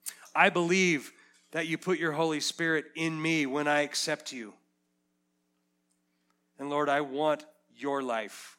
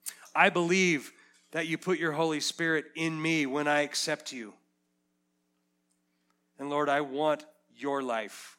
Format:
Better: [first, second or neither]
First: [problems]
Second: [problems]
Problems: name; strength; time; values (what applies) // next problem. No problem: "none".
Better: neither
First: none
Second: none